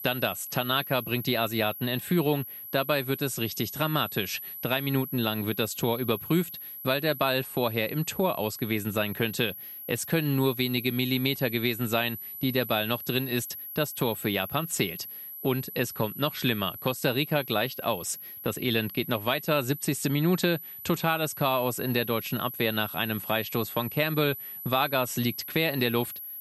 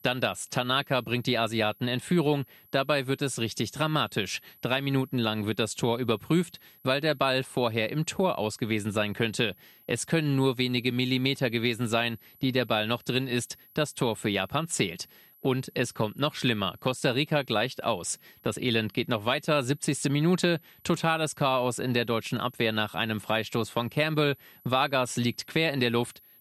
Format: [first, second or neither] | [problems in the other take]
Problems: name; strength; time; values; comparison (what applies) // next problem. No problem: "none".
second | high-pitched whine; loud; throughout; 12 kHz, 9 dB below the speech; faint in the second